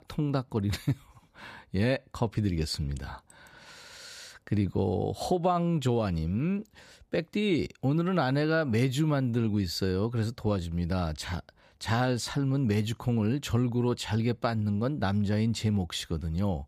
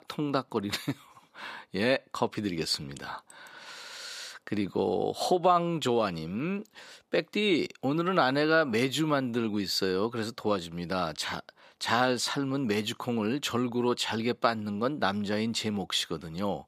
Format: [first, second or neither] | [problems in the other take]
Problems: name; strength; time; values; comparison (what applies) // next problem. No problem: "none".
first | thin; somewhat; fading below 250 Hz